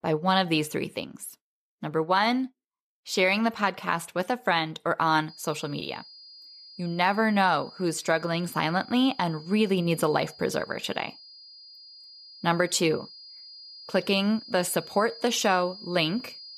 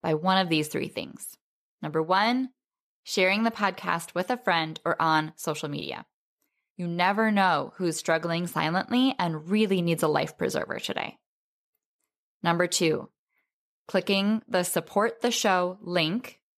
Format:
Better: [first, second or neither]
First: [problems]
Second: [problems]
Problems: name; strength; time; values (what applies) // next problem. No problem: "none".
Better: second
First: high-pitched whine; noticeable; from 5.5 s on; 5 kHz, 20 dB below the speech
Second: none